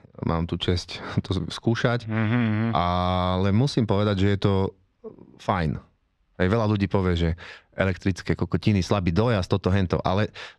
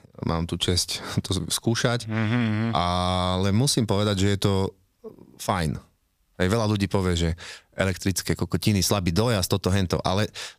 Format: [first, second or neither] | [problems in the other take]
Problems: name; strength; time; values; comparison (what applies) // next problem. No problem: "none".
second | muffled; slightly; fading above 3 kHz